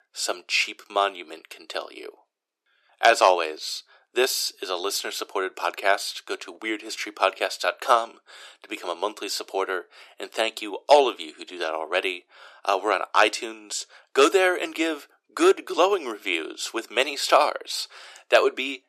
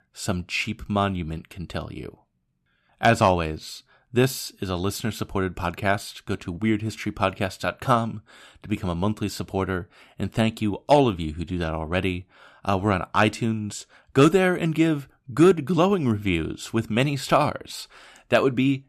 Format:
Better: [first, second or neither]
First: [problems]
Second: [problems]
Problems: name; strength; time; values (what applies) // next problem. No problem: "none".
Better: second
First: thin; very; fading below 400 Hz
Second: none